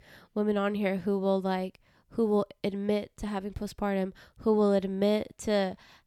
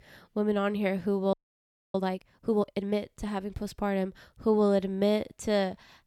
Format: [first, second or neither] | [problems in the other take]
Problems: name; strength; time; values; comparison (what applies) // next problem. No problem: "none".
first | audio freezing; at 1.5 s for 0.5 s